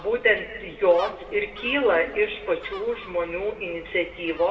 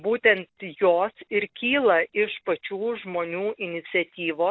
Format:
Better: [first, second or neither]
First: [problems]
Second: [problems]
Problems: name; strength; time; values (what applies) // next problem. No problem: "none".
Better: second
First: background sound (Gull, seagull); 19 dB below the speech // room echo; dies away in 1.4 s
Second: none